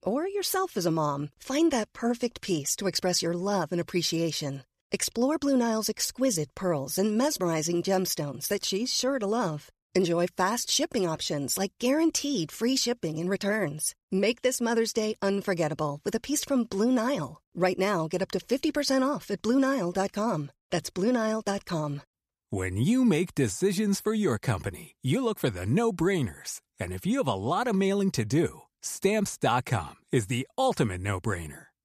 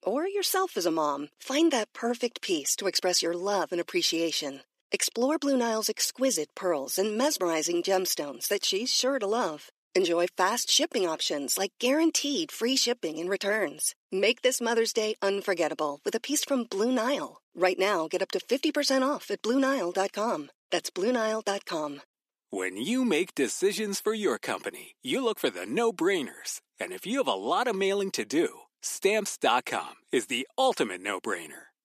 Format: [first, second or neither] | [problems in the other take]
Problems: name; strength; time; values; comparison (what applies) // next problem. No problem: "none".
first | thin; very slightly; fading below 250 Hz